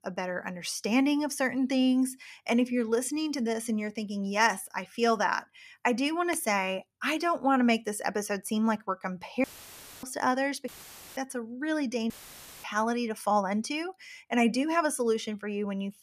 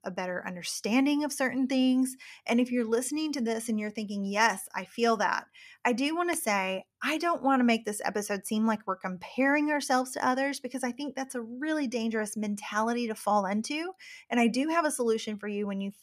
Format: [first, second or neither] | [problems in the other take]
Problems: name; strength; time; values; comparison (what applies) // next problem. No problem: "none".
second | audio cutting out; filled with static; at 9.5 s for 0.5 s, at 11 s and at 12 s for 0.5 s